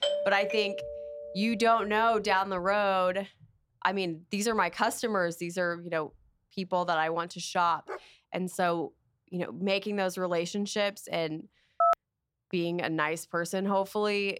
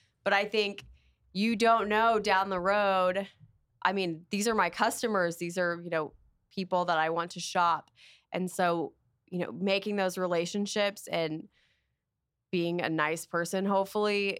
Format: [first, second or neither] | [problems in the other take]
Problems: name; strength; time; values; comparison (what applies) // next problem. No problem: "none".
second | doorbell; noticeable; until 1.5 s; peak level with the speech // dog barking; faint; at 8 s; peak 15 dB below the speech // phone ringing; loud; at 12 s; peak 3 dB above the speech